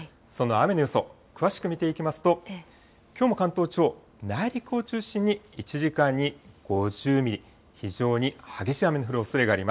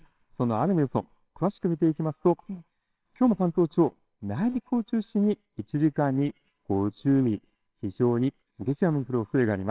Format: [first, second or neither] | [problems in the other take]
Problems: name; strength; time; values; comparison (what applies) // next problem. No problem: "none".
first | noise reduction (neural separator model SepFormer WHAMR!)